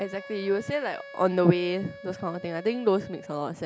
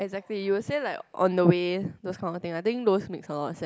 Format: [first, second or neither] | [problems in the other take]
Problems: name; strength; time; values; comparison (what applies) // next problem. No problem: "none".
second | background sound (Wind instrument, woodwind instrument); 17 dB below the speech